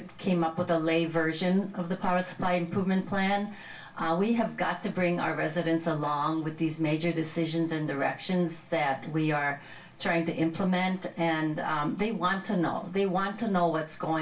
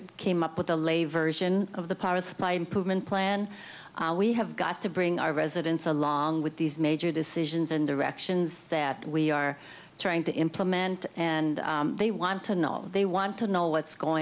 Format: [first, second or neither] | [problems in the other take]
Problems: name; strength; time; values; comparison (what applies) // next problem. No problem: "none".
second | room echo; dies away in 0.2 s